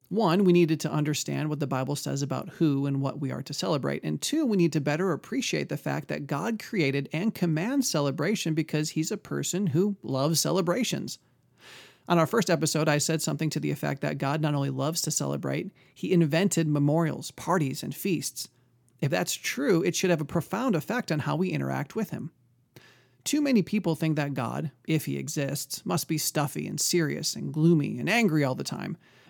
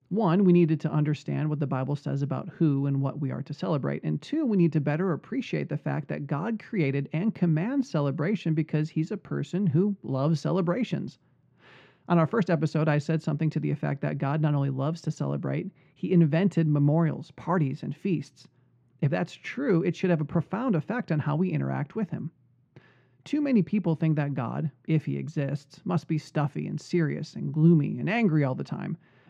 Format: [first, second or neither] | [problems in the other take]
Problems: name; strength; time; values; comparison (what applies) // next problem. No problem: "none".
first | muffled; very; fading above 2.5 kHz